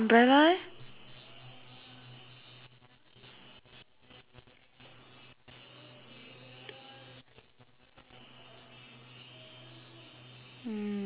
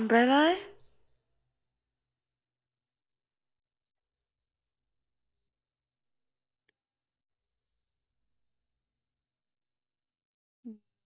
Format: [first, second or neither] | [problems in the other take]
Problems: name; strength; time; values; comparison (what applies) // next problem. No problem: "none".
first | noise reduction (neural mask model DeepFilterNet 3)